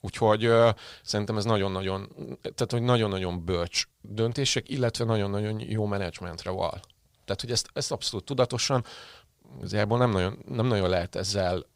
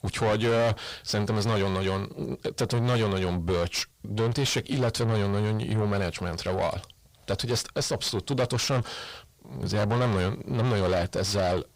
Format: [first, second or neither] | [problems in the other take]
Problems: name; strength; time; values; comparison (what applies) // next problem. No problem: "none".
first | distortion; heavy; 6 dB below the speech